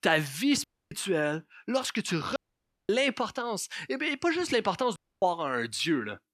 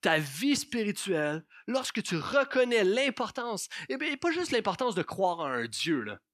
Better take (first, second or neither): second